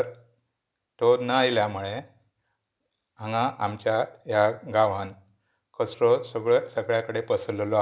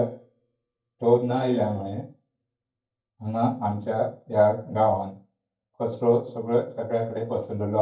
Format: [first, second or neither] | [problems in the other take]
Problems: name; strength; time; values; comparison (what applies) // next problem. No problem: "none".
first | noise reduction (neural mask model DeepFilterNet 3)